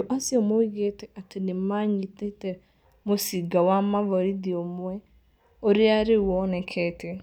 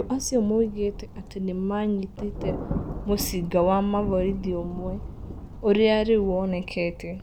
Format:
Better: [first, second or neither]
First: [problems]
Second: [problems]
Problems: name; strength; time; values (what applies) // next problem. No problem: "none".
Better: first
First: none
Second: background sound (Thunder); 10 dB below the speech